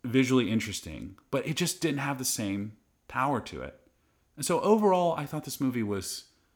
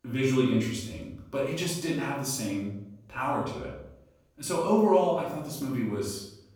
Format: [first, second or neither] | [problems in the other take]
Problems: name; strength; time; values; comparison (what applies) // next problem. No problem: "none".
first | off-mic speech; far // room echo; noticeable; dies away in 0.6 s